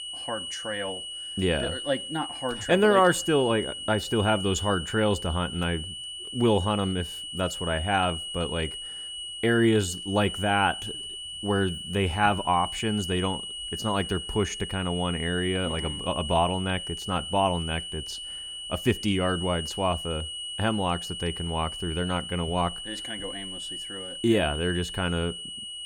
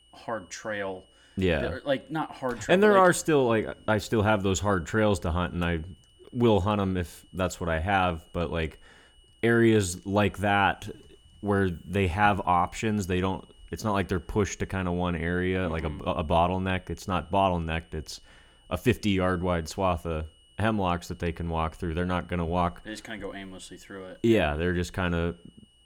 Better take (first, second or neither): second